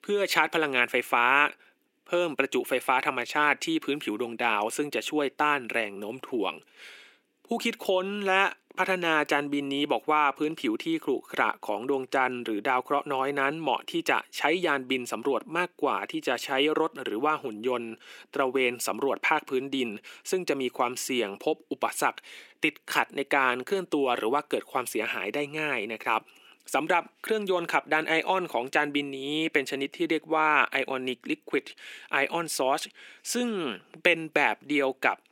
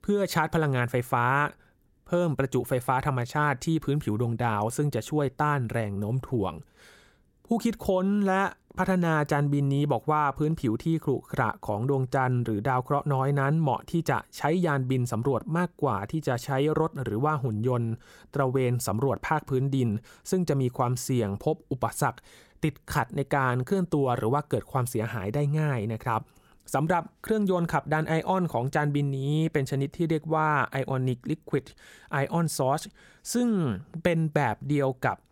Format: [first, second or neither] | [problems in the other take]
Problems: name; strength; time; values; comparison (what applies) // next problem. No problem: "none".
second | thin; somewhat; fading below 300 Hz